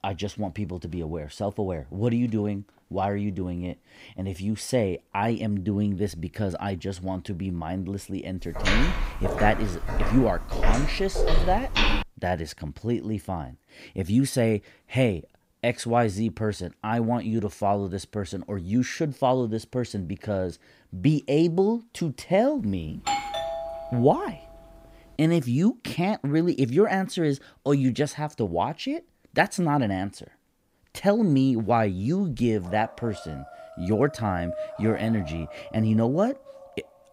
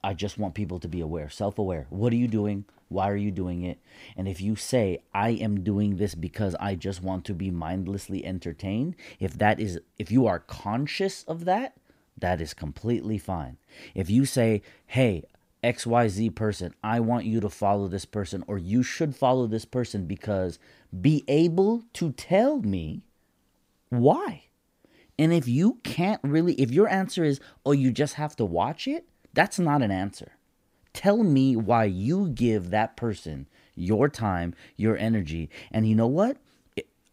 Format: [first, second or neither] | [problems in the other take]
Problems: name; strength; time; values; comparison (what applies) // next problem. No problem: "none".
second | footsteps; loud; from 8.5 to 12 s; peak 3 dB above the speech // doorbell; noticeable; from 23 to 24 s; peak 1 dB below the speech // dog barking; noticeable; from 33 s on; peak 8 dB below the speech